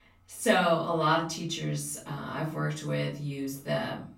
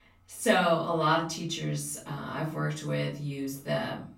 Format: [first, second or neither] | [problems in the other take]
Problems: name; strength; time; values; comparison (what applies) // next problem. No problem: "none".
neither | off-mic speech; far; the same in both // room echo; slight; dies away in 0.4 s; the same in both